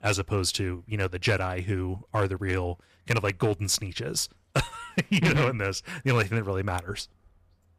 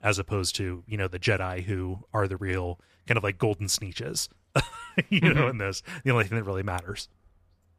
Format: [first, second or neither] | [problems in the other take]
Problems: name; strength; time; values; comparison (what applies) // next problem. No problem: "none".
second | distortion; slight; 3% of the sound clipped